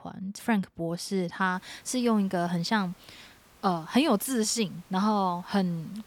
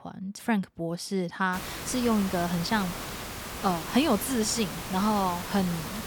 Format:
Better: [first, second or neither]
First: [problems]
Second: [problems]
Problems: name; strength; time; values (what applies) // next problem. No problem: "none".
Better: first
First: hiss; faint; from 1.5 s on; 30 dB below the speech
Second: hiss; loud; from 1.5 s on; 8 dB below the speech